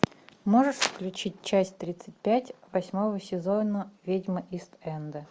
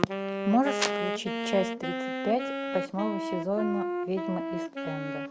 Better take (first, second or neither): first